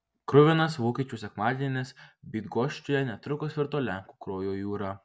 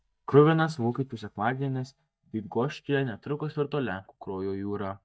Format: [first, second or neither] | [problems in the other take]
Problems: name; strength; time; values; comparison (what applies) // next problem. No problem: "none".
first | noise reduction (neural mask model DeepFilterNet 3)